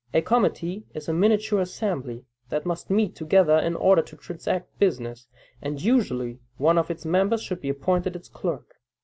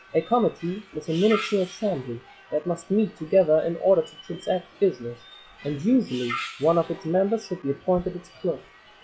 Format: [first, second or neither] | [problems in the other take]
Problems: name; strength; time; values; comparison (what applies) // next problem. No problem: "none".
first | noise reduction (classical method log-MMSE)